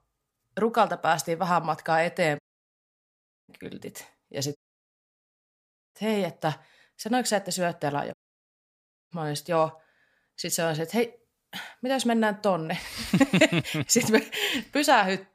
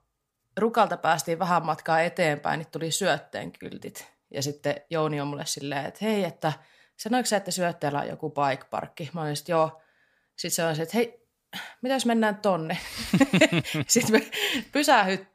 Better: second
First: audio cutting out; at 2.5 s for 1 s, at 4.5 s for 1.5 s and at 8 s for 1 s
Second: none

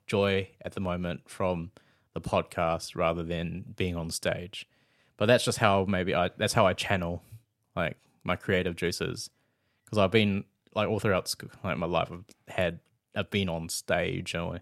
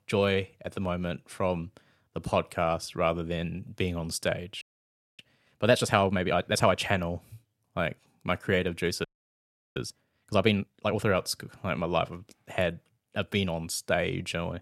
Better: first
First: none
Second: audio freezing; at 4.5 s for 0.5 s and at 9 s for 0.5 s

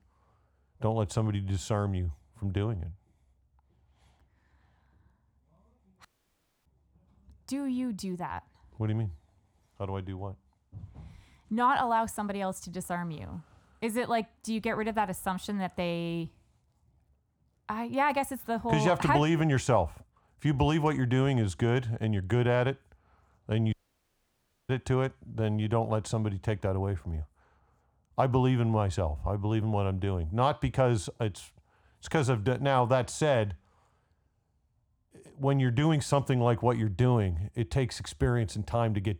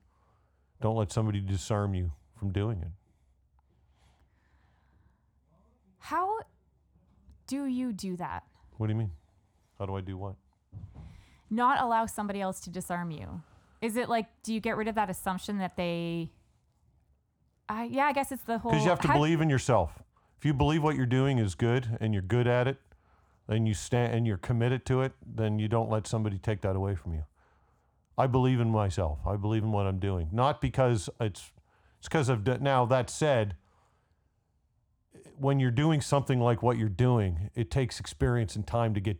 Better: second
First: audio cutting out; at 6 s for 0.5 s and at 24 s for 1 s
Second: none

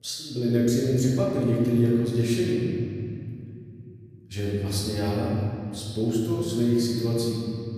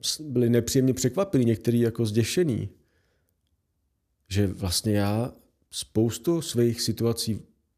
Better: second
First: room echo; strong; dies away in 2.6 s // off-mic speech; far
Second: none

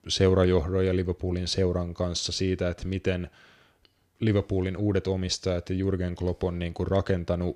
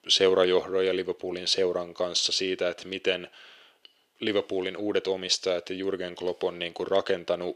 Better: first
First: none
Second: thin; somewhat; fading below 450 Hz

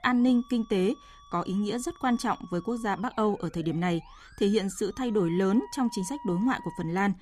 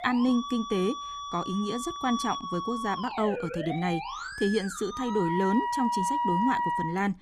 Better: first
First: background music; faint; throughout; 20 dB below the speech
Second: background music; loud; throughout; 3 dB below the speech

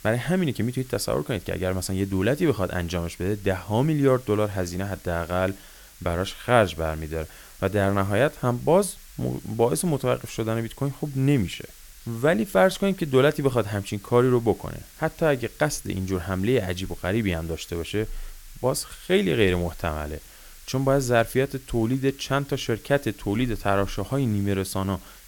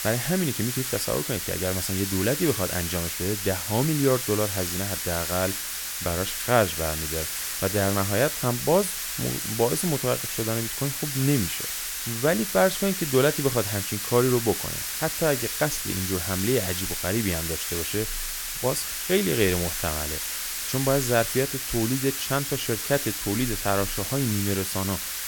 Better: first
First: hiss; faint; throughout; 20 dB below the speech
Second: hiss; loud; throughout; 2 dB below the speech

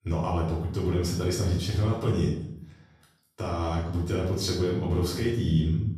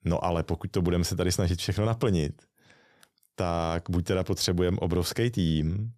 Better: second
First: off-mic speech; far // room echo; noticeable; dies away in 0.6 s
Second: none

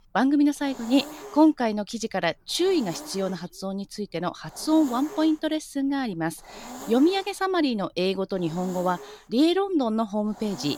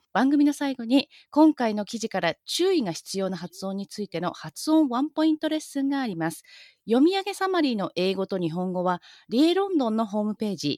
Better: second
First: hiss; noticeable; throughout; 15 dB below the speech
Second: none

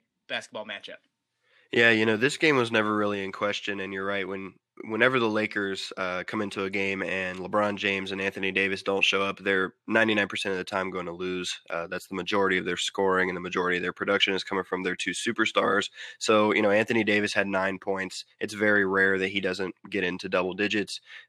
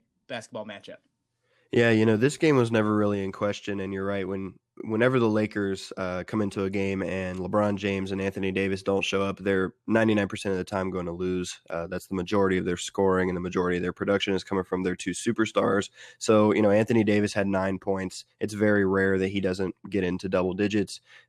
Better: second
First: thin; very slightly; fading below 500 Hz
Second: none

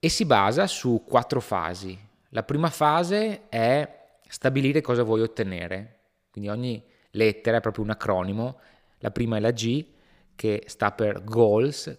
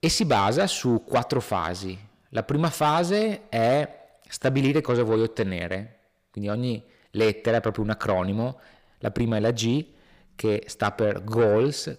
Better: first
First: none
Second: distortion; slight; 10 dB below the speech

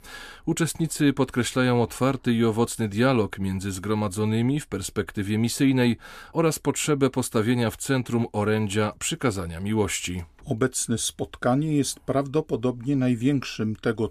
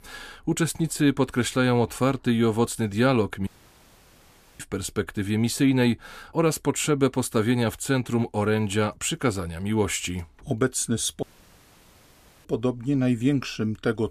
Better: first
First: none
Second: audio cutting out; at 3.5 s for 1 s and at 11 s for 1 s

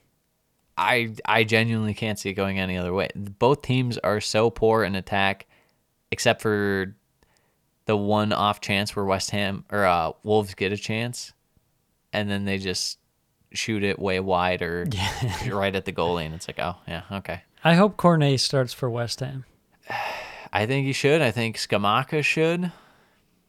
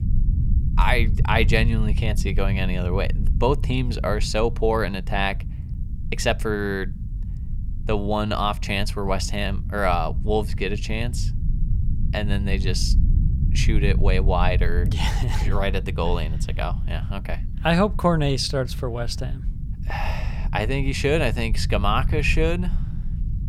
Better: first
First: none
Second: low rumble; noticeable; throughout; 15 dB below the speech

